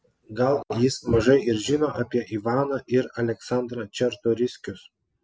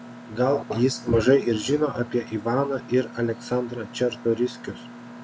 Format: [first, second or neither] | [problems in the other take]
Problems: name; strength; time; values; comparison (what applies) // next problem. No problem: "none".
first | background sound (Mechanisms); 16 dB below the speech